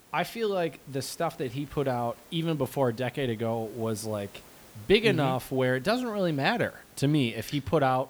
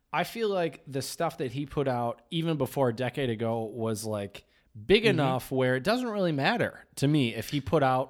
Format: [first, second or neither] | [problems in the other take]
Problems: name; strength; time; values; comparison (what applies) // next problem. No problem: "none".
second | hiss; faint; throughout; 25 dB below the speech